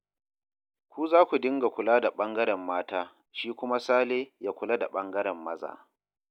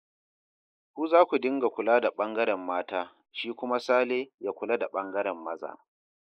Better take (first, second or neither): first